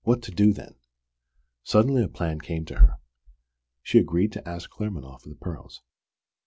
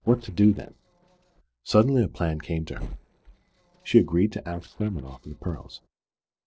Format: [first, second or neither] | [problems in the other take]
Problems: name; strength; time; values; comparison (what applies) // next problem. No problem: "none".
first | noise reduction (neural separator model SepFormer DNS4)